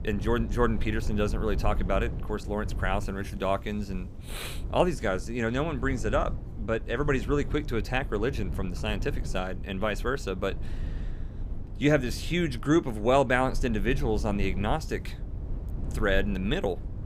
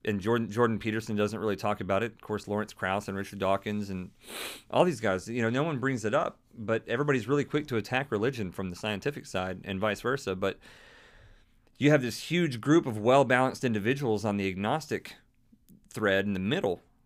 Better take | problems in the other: second | low rumble; noticeable; throughout; 20 dB below the speech

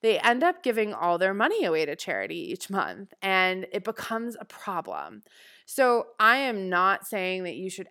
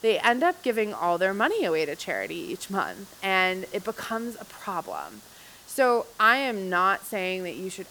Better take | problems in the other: first | hiss; faint; throughout; 20 dB below the speech

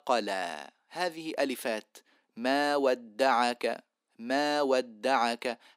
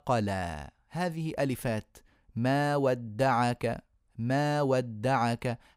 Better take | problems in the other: second | thin; very slightly; fading below 250 Hz

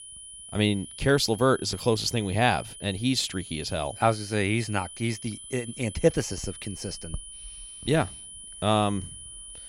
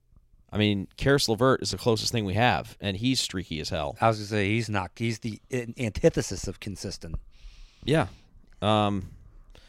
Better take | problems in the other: second | high-pitched whine; noticeable; throughout; 10 kHz, 15 dB below the speech

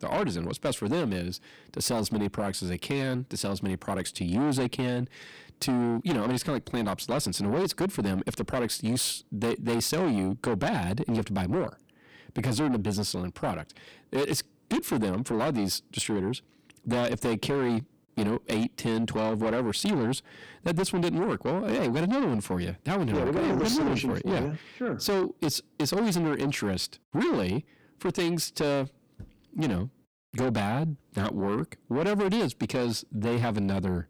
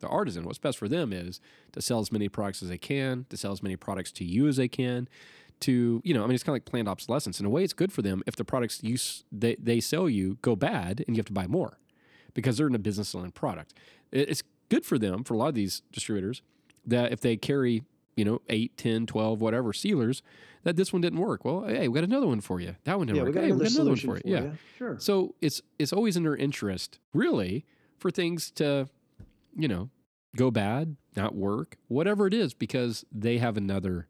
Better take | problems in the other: second | distortion; heavy; 6 dB below the speech

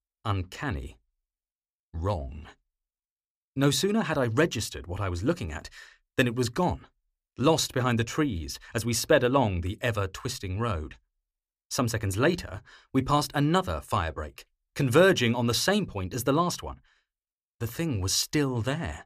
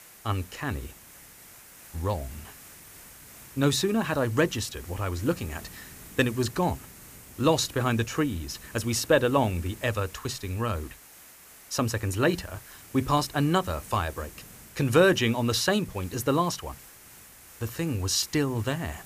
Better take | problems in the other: first | hiss; noticeable; throughout; 20 dB below the speech

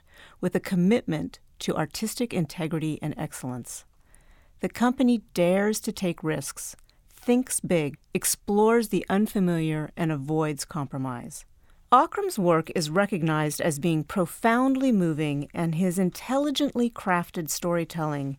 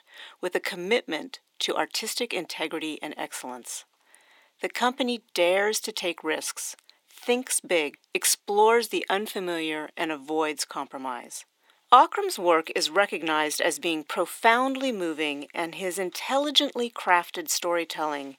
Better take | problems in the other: first | thin; somewhat; fading below 300 Hz

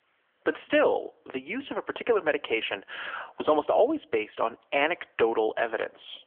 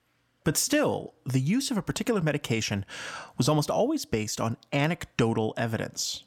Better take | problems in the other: second | phone-call audio; nothing above 3.5 kHz

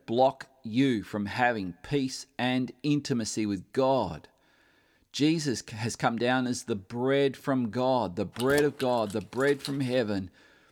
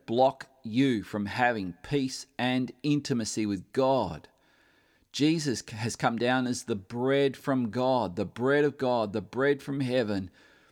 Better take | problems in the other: second | jangling keys; noticeable; from 8.5 to 10 s; peak 9 dB below the speech

